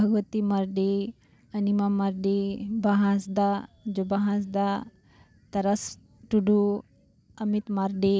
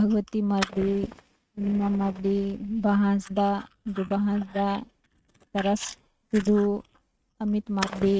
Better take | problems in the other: first | noise reduction (neural mask model RNNoise)

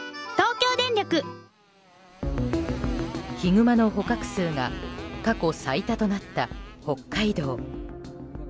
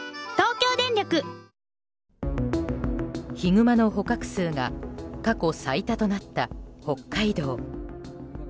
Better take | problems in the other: second | background sound (Motorcycle); 19 dB below the speech

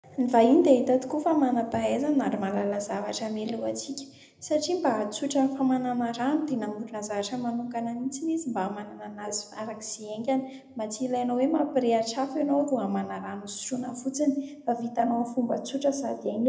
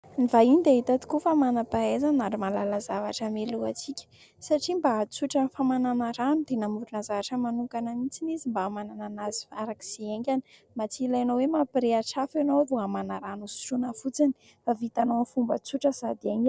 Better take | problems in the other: second | room echo; dies away in 0.7 s

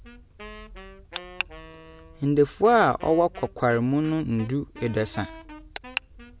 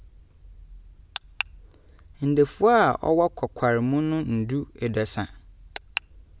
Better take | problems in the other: second | background sound (Wind instrument, woodwind instrument); 20 dB below the speech

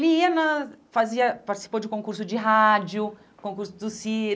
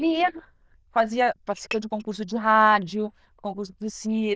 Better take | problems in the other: first | noise reduction (neural diffusion model UNIVERSE++)

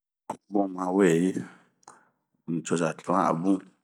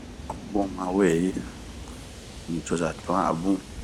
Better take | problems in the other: first | background sound (Train); 12 dB below the speech

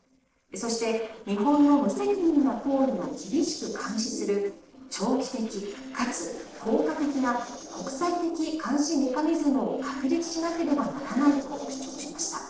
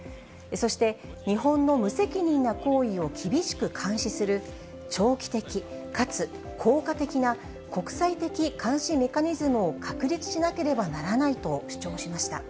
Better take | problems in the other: second | noise reduction (neural separator model SepFormer DNS4)

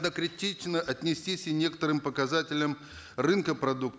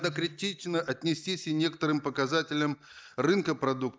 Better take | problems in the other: first | noise reduction (neural mask model DeepFilterNet 3)

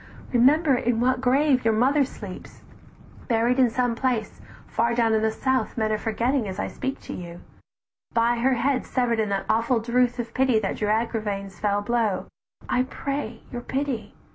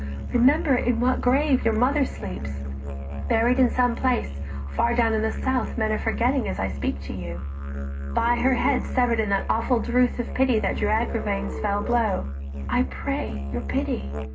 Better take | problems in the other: first | background sound (Musical instrument); 5 dB below the speech // room echo; dies away in 0.2 s

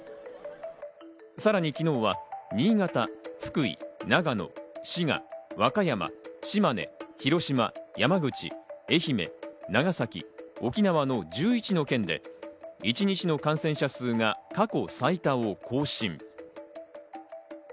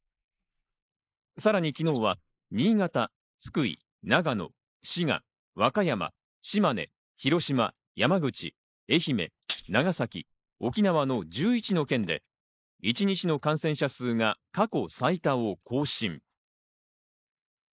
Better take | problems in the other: first | noise reduction (neural mask model Resemble Enhance denoiser)

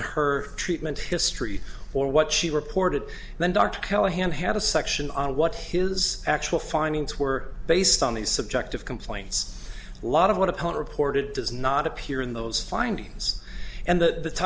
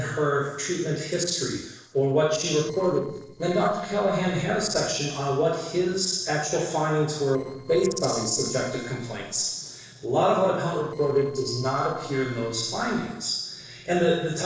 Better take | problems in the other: first | noise reduction (neural separator model SepFormer DNS4)

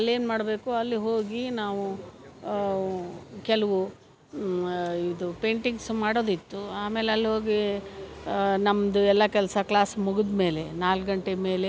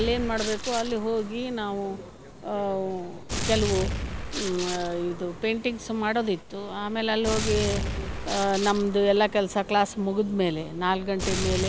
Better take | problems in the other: first | background sound (Gunshot, gunfire); 7 dB below the speech

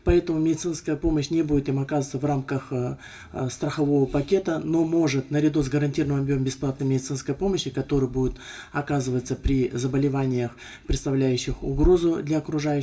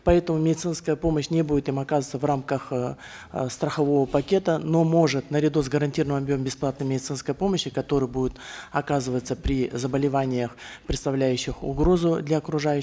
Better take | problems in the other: second | room echo; dies away in 0.2 s

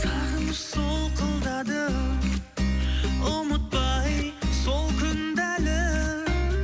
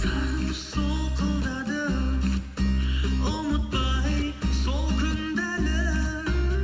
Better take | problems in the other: first | room echo; dies away in 3 s

